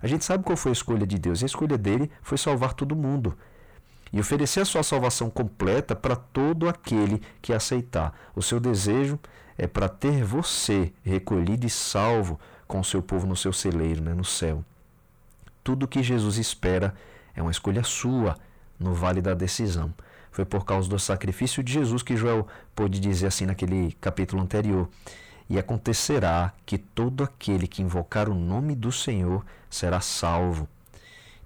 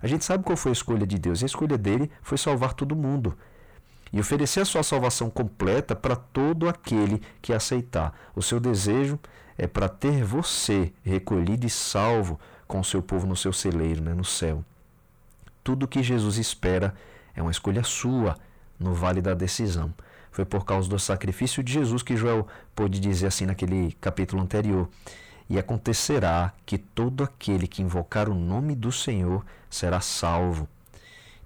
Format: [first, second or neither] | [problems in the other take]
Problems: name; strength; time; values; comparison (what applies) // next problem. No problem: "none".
neither | distortion; heavy; 7 dB below the speech; the same in both